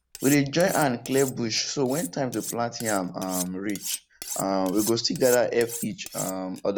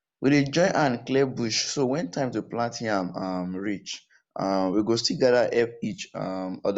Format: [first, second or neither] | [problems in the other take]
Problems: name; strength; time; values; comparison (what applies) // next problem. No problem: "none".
second | background sound (Cutlery, silverware); 11 dB below the speech